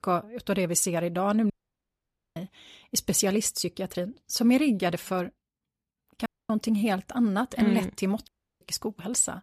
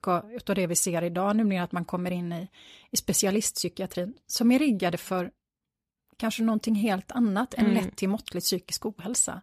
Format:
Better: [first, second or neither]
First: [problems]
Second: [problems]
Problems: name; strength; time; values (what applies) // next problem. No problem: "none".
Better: second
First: audio cutting out; at 1.5 s for 1 s, at 6.5 s and at 8.5 s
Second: none